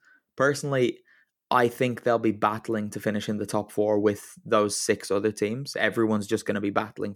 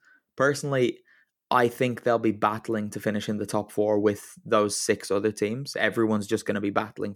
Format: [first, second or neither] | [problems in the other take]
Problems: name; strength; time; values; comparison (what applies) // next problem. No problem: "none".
neither | none